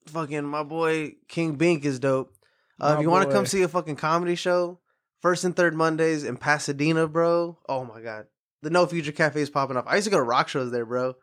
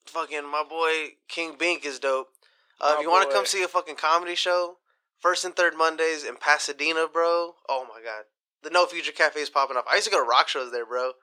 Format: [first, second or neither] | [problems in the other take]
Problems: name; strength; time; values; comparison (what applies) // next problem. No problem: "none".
first | thin; very; fading below 450 Hz